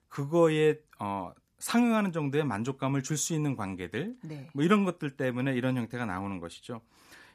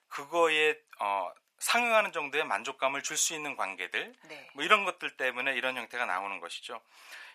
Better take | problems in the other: first | thin; very; fading below 850 Hz

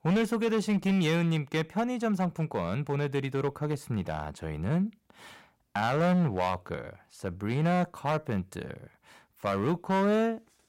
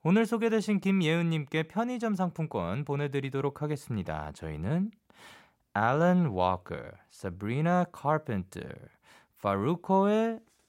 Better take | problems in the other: second | distortion; slight; 7% of the sound clipped

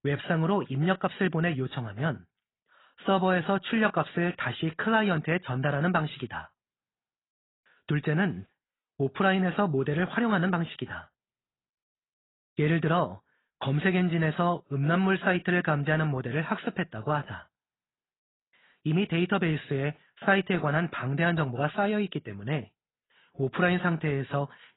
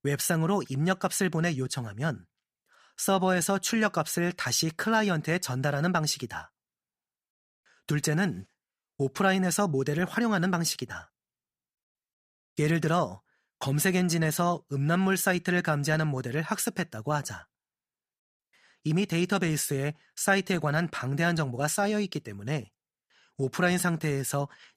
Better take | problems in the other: second | garbled, watery; badly; nothing above 4 kHz

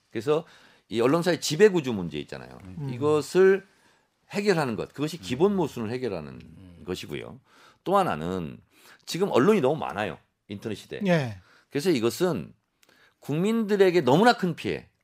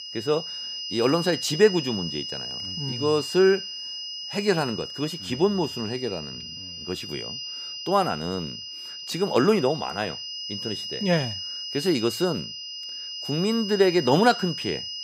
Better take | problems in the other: first | high-pitched whine; loud; throughout; 5 kHz, 7 dB below the speech

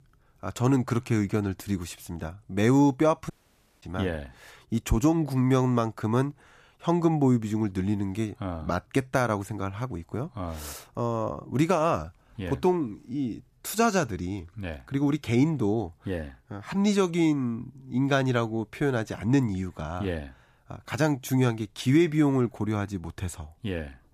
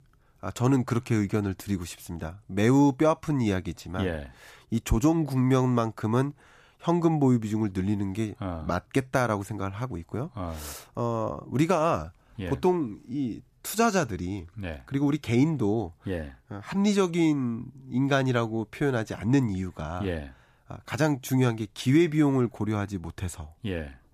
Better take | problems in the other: second | audio cutting out; at 3.5 s for 0.5 s

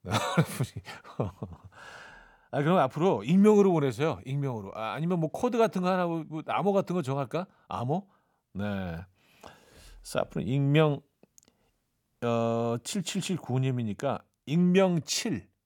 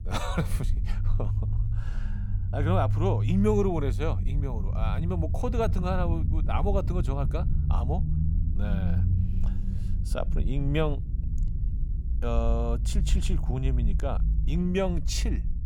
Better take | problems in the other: first | low rumble; noticeable; throughout; 10 dB below the speech

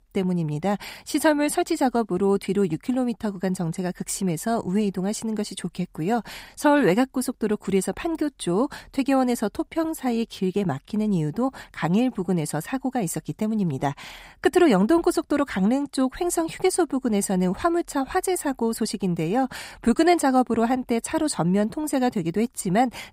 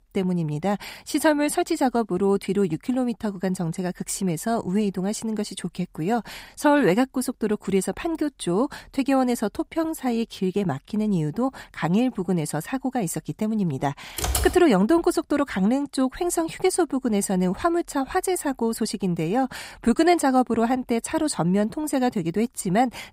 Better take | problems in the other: first | keyboard typing; noticeable; at 14 s; peak 1 dB below the speech

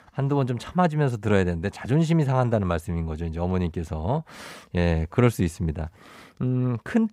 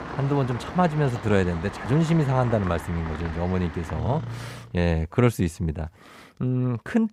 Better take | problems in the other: first | traffic noise; noticeable; until 4.5 s; 10 dB below the speech

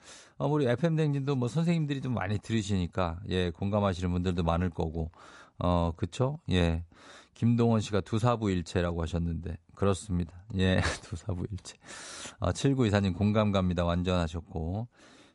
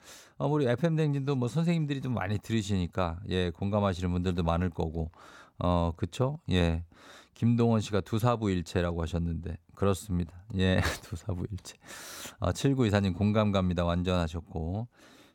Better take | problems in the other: second | garbled, watery; slightly; nothing above 11 kHz

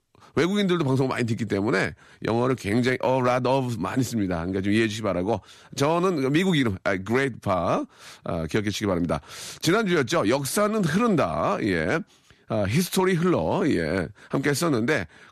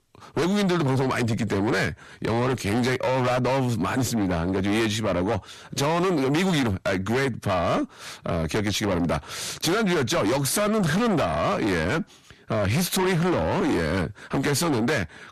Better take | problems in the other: first | distortion; heavy; 7 dB below the speech

